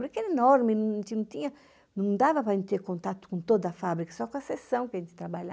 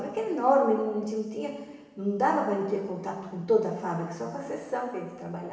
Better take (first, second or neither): first